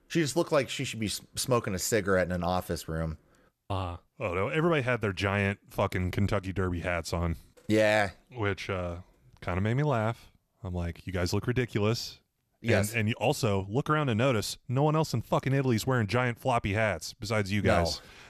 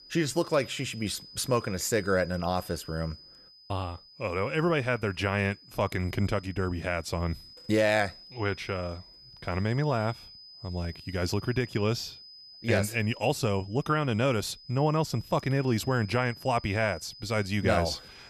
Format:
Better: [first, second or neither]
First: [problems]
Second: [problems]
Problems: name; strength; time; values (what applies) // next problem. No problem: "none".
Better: first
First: none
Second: high-pitched whine; noticeable; throughout; 5 kHz, 20 dB below the speech